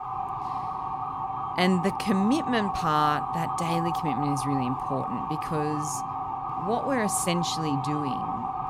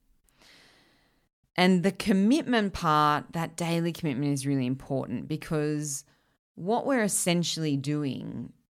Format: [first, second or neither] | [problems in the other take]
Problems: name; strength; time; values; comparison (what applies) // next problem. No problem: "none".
second | siren; noticeable; peak 1 dB below the speech